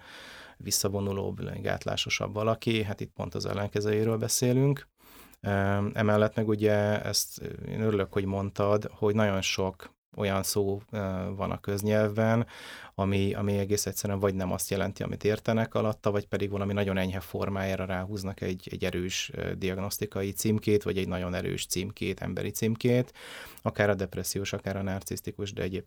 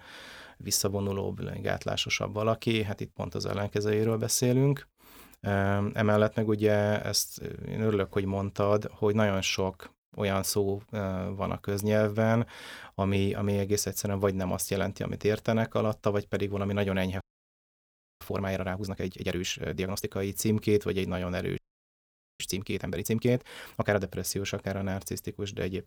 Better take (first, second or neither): first